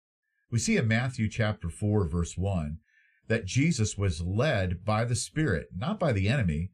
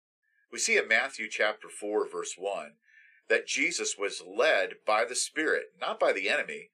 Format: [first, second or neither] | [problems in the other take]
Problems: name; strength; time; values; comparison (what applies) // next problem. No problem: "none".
first | thin; very; fading below 350 Hz